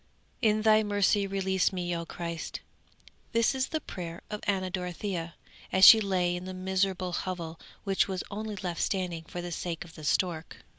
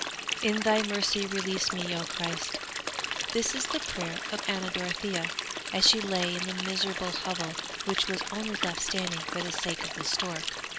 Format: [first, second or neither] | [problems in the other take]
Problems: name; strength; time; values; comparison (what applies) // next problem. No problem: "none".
first | background sound (Stream); 3 dB below the speech